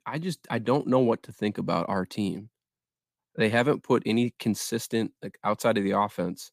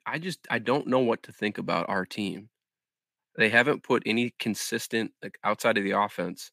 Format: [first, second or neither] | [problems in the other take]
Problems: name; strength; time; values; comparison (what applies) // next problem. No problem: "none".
first | thin; very slightly; fading below 400 Hz